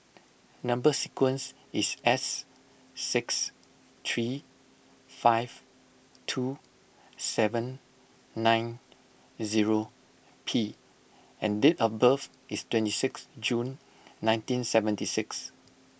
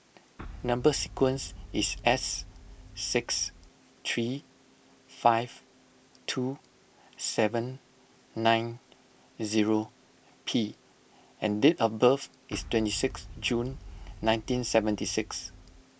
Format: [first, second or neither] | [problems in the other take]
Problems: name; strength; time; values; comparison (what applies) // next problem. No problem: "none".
first | background sound (Boom); 14 dB below the speech